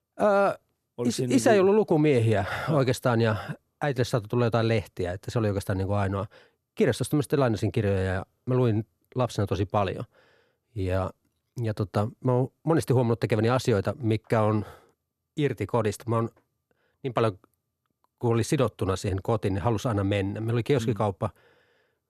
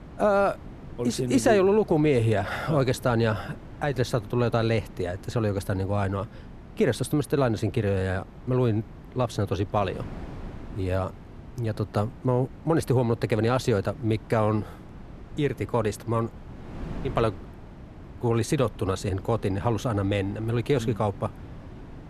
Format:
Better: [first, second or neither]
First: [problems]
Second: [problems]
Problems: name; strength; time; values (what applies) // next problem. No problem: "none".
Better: first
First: none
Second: wind noise on the microphone; occasional gusts; 20 dB below the speech